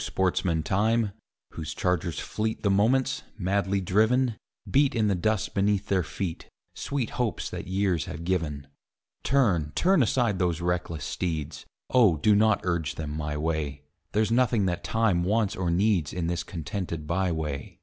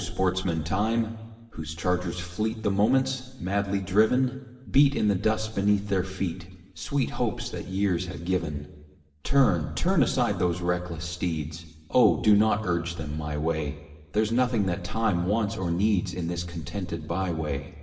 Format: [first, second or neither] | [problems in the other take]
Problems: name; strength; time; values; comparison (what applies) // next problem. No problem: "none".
first | room echo; dies away in 1 s